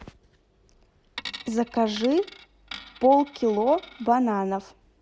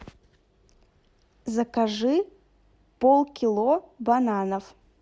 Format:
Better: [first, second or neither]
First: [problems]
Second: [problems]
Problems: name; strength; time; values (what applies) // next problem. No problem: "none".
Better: second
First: background sound (Coin (dropping)); 17 dB below the speech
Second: none